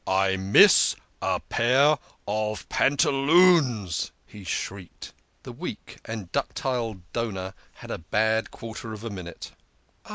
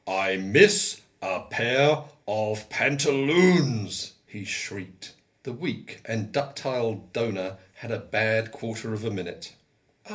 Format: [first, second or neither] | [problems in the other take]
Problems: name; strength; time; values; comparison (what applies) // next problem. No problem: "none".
first | room echo; dies away in 0.3 s